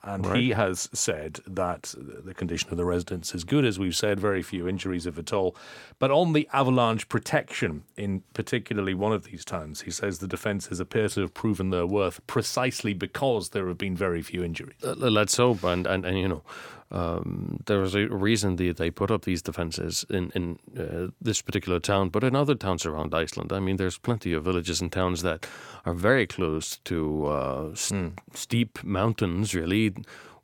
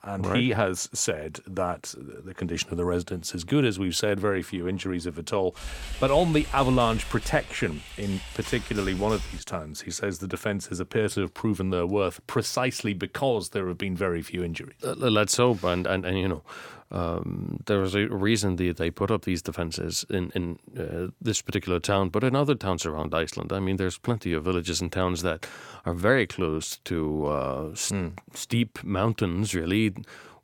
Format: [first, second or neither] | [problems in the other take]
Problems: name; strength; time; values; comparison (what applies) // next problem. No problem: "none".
first | keyboard typing; noticeable; from 5.5 to 9.5 s; peak 9 dB below the speech